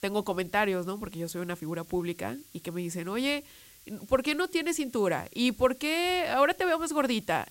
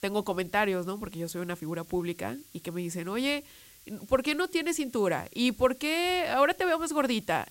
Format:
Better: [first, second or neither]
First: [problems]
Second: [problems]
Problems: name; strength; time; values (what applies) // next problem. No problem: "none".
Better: neither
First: hiss; faint; throughout; 25 dB below the speech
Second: hiss; faint; throughout; 25 dB below the speech